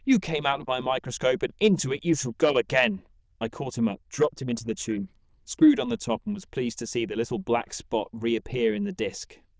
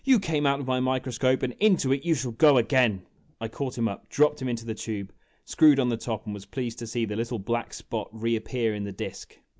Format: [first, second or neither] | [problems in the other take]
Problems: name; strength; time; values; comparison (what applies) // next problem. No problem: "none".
second | noise reduction (neural diffusion model UNIVERSE++)